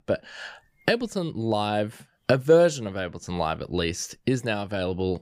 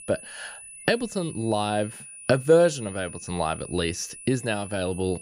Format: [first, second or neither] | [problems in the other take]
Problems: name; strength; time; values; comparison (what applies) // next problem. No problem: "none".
first | high-pitched whine; noticeable; throughout; 10 kHz, 15 dB below the speech